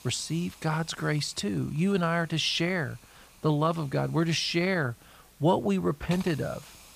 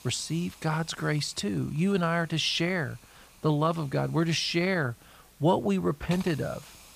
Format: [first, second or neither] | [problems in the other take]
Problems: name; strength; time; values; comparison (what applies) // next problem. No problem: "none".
neither | hiss; faint; throughout; 20 dB below the speech; the same in both